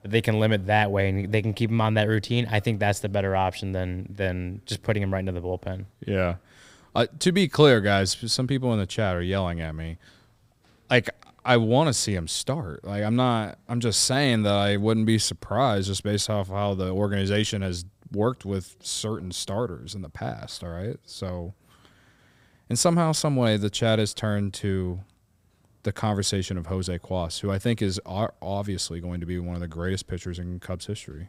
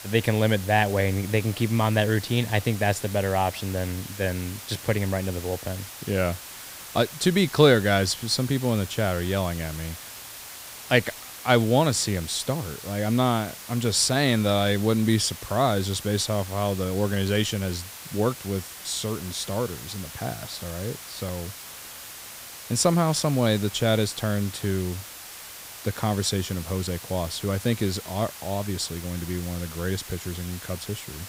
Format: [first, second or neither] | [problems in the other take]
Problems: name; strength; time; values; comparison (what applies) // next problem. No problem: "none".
first | hiss; noticeable; throughout; 15 dB below the speech